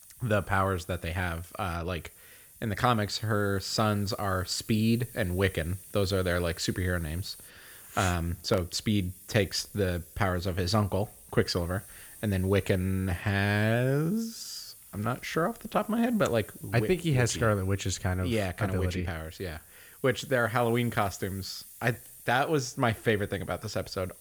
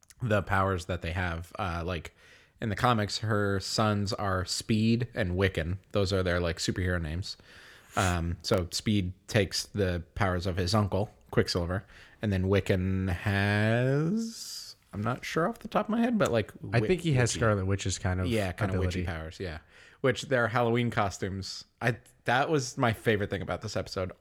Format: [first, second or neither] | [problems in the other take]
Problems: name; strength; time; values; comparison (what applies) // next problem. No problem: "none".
second | hiss; noticeable; throughout; 20 dB below the speech